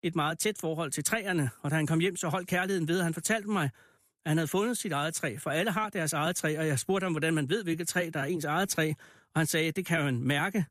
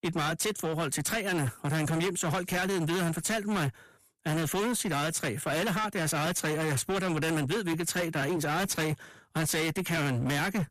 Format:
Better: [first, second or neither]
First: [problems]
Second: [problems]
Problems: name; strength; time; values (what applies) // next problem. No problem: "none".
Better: first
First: none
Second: distortion; heavy; 31% of the sound clipped